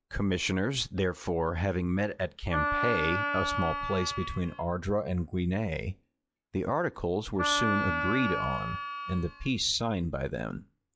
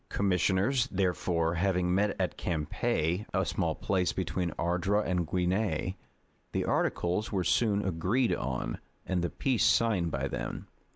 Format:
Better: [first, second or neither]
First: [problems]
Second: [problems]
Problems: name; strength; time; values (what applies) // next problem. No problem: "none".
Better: second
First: noise reduction (classical method log-MMSE)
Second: none